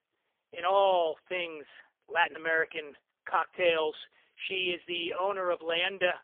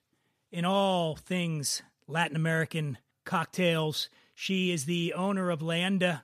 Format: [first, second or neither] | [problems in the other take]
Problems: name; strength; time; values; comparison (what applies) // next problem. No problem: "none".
second | phone-call audio; poor line; nothing above 3.5 kHz